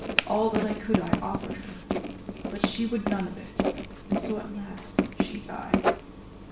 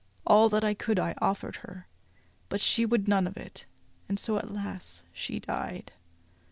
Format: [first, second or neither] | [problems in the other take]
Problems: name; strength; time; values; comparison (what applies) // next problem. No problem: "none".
second | background sound (Writing); 3 dB above the speech // room echo; dies away in 0.5 s